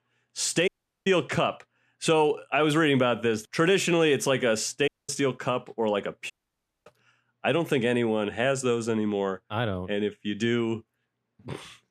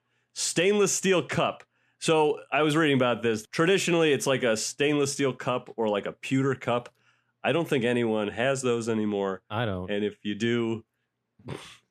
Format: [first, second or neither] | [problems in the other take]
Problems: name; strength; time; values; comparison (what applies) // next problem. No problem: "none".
second | audio cutting out; at 0.5 s, at 5 s and at 6.5 s for 0.5 s